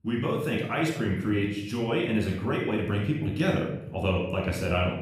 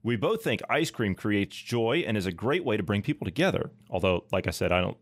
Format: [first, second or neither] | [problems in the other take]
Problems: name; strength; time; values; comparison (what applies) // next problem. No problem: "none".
second | room echo; noticeable; dies away in 0.7 s // off-mic speech; far